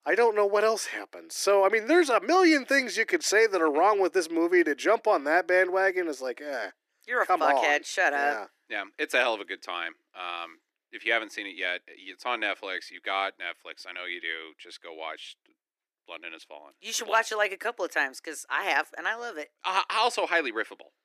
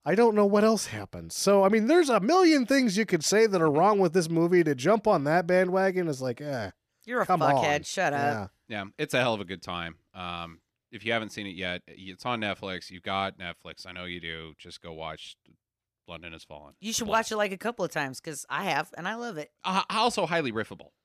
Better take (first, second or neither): second